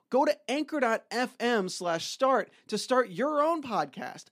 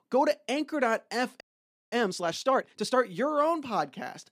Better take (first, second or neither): first